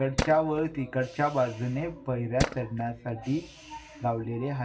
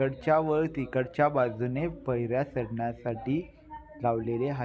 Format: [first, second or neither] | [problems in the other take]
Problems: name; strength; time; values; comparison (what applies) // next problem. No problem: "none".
second | background sound (Tools); 9 dB below the speech // room echo; dies away in 0.2 s